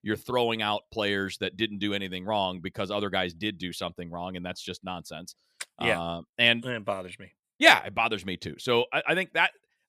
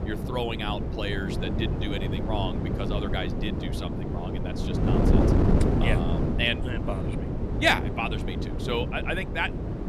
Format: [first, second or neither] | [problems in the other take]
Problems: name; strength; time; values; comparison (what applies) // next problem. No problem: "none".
first | wind noise on the microphone; heavy; 4 dB below the speech